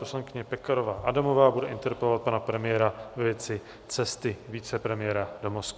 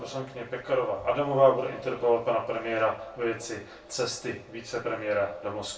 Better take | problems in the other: first | room echo; dies away in 0.3 s

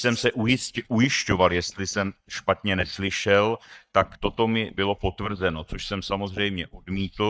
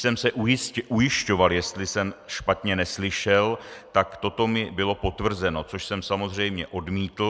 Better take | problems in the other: second | noise reduction (neural mask model DeepFilterNet 3)

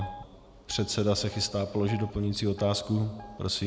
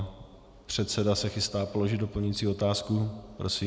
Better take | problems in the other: second | background sound (Guitar); 18 dB below the speech

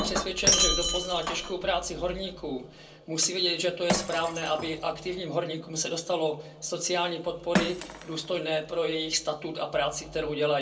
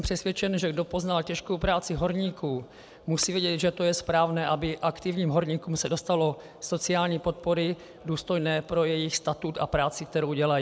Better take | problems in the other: second | background sound (Shatter); 4 dB below the speech // room echo; dies away in 0.2 s

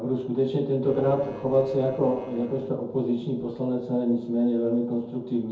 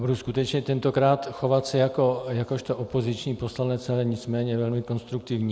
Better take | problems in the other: second | noise reduction (neural separator model SepFormer DNS4)

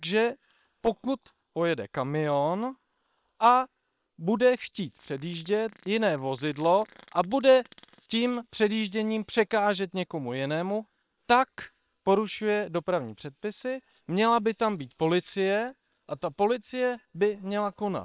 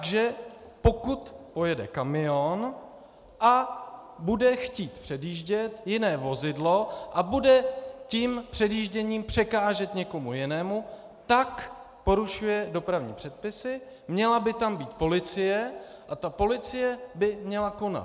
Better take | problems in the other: second | noise reduction (neural separator model SepFormer WHAM!)

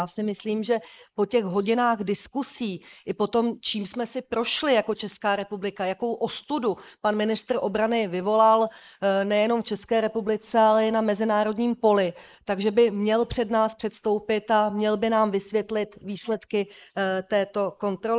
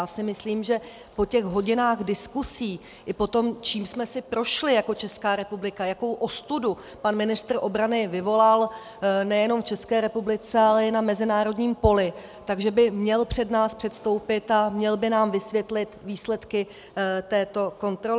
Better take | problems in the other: second | noise reduction (neural mask model Resemble Enhance denoiser)

